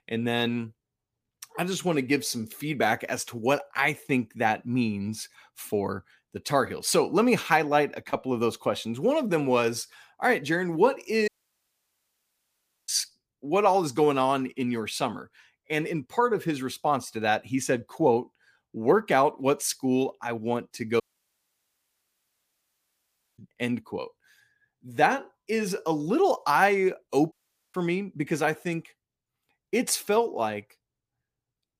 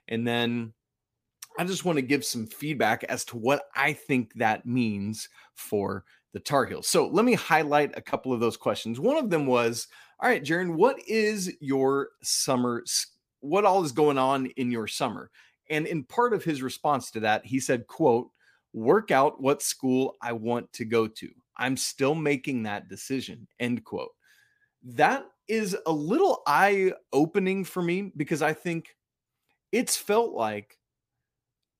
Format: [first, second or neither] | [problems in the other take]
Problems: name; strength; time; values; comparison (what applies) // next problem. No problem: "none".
second | audio cutting out; at 11 s for 1.5 s, at 21 s for 2.5 s and at 27 s